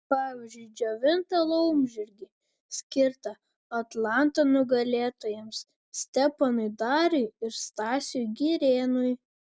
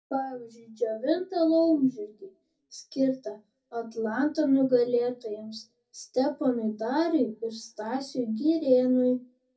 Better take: first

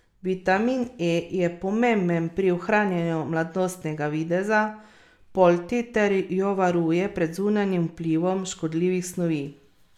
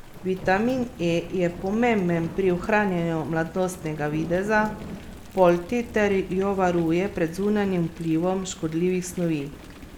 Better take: first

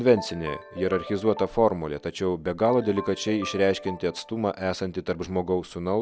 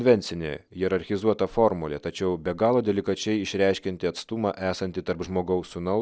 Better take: second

